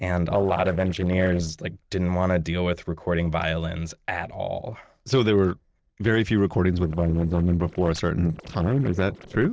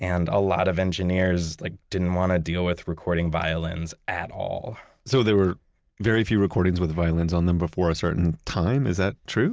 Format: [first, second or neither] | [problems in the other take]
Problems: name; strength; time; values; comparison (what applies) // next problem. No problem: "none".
second | noise reduction (neural separator model SepFormer DNS4)